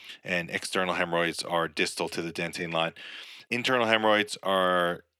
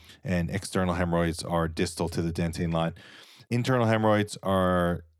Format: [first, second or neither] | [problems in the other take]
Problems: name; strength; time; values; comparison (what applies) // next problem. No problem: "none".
second | thin; somewhat; fading below 300 Hz